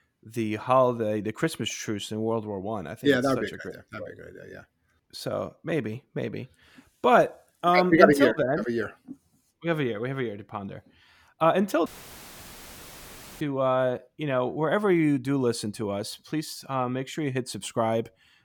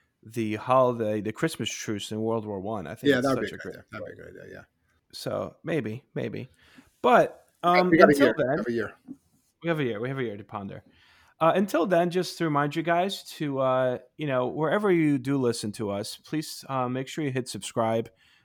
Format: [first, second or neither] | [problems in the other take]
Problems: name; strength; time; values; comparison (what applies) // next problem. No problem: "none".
second | audio cutting out; filled with static; at 12 s for 1.5 s